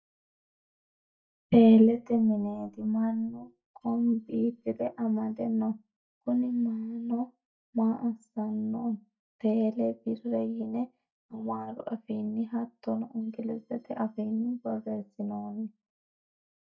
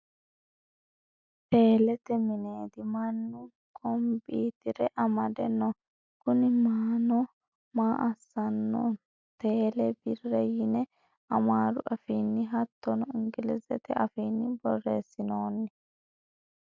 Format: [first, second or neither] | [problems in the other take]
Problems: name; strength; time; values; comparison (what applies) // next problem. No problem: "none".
second | noise reduction (neural mask model DeepFilterNet 3)